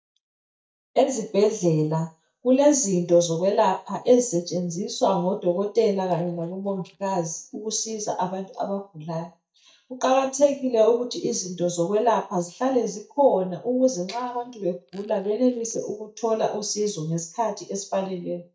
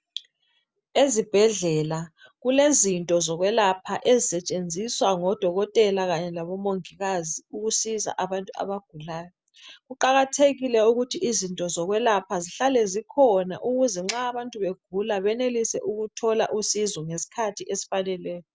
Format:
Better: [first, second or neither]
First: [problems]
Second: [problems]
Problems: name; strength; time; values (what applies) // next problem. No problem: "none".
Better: second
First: noise reduction (neural mask model DeepFilterNet 3)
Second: none